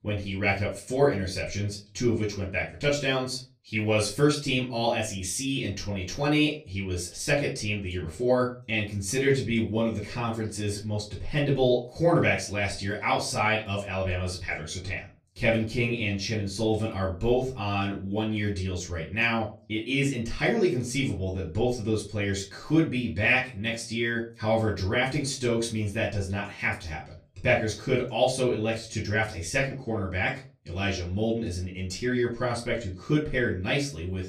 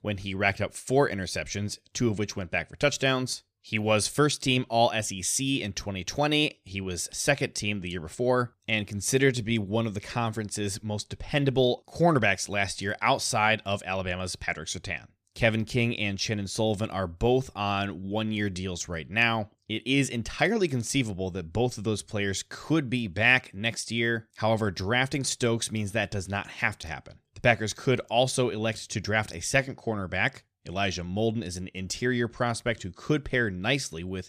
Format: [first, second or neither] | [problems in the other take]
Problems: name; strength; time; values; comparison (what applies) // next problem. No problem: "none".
second | off-mic speech; far // room echo; slight; dies away in 0.3 s